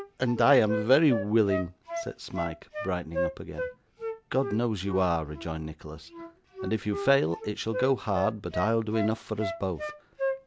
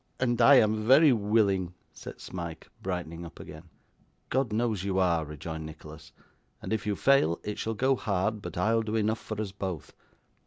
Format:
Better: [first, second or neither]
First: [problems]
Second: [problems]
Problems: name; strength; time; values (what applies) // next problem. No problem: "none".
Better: second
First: background sound (Wind instrument, woodwind instrument); 8 dB below the speech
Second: none